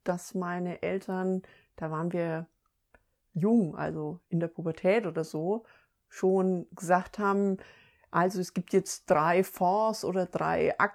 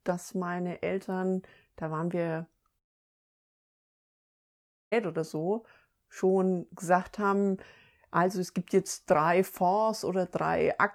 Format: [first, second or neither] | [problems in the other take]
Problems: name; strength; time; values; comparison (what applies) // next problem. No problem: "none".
first | audio cutting out; at 3 s for 2 s